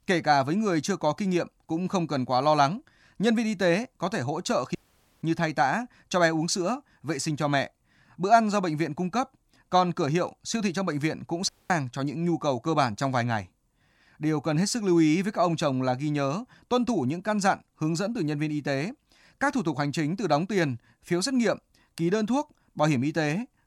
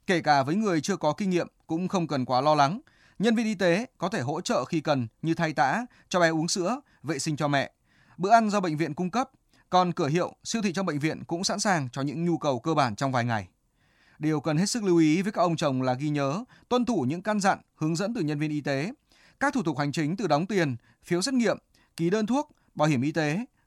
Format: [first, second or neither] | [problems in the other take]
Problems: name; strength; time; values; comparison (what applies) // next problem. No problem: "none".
second | audio cutting out; at 5 s and at 11 s